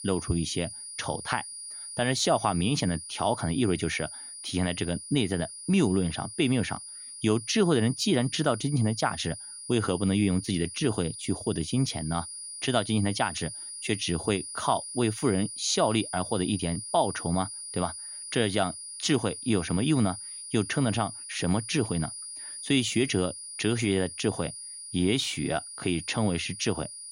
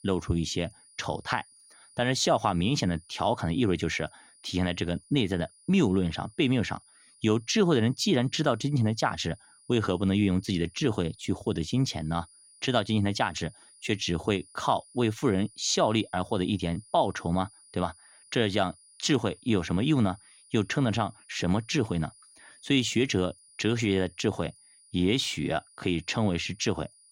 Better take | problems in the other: second | high-pitched whine; loud; throughout; 9.5 kHz, 10 dB below the speech; faint in the second

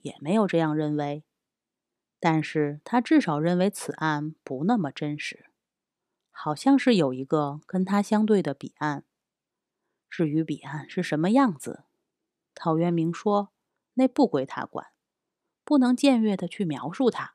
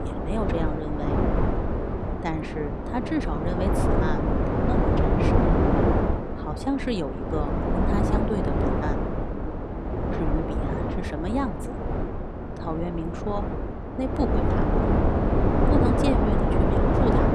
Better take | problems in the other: first | wind noise on the microphone; heavy; 5 dB above the speech

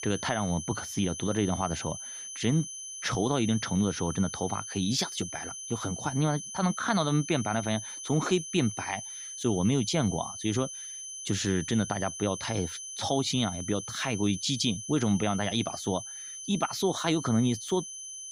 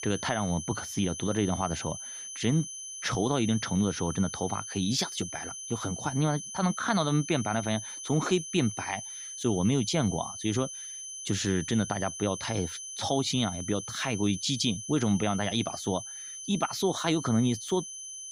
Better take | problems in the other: neither | high-pitched whine; loud; throughout; 6 kHz, 8 dB below the speech; the same in both

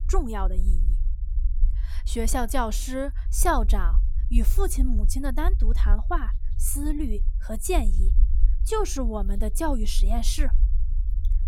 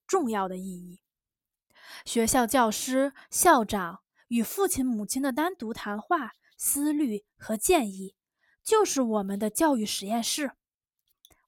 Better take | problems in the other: second | low rumble; faint; throughout; 20 dB below the speech

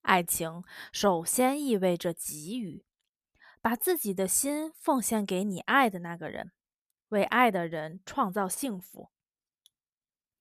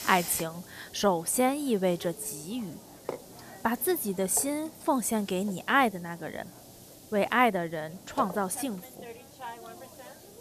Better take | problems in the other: first | hiss; noticeable; throughout; 15 dB below the speech

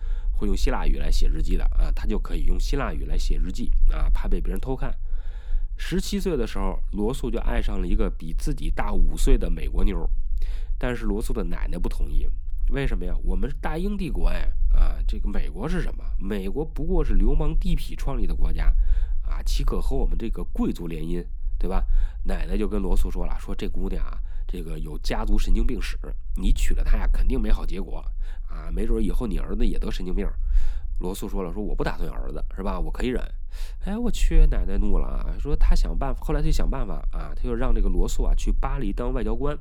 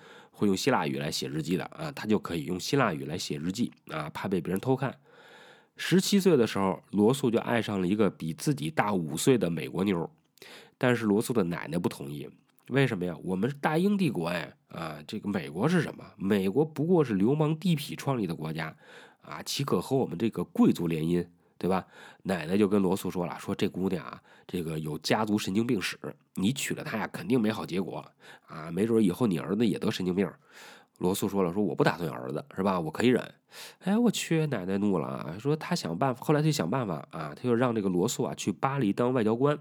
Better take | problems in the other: second | low rumble; faint; throughout; 25 dB below the speech

